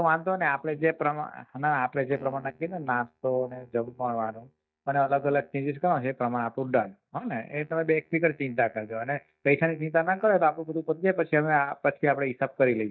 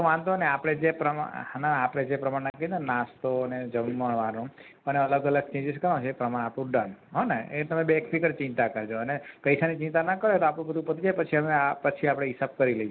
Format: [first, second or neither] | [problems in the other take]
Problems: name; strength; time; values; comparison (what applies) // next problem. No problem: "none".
second | noise reduction (neural mask model DeepFilterNet 3)